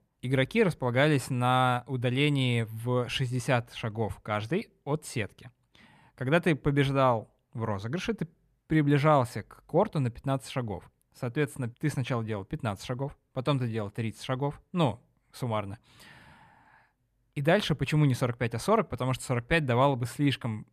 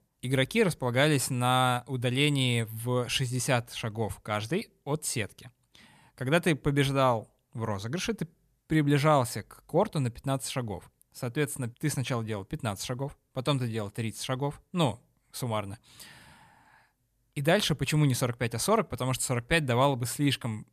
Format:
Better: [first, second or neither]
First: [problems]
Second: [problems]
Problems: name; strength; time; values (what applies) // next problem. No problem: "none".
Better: second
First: muffled; slightly; fading above 3.5 kHz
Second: none